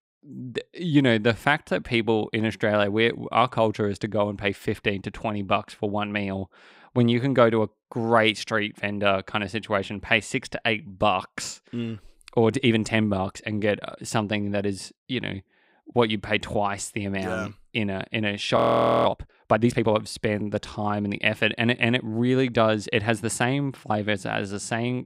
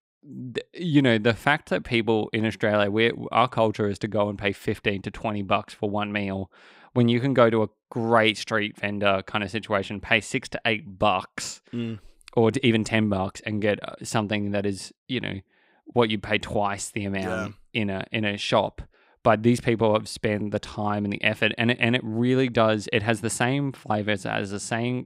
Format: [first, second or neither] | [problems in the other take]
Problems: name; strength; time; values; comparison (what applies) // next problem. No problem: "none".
second | audio freezing; at 19 s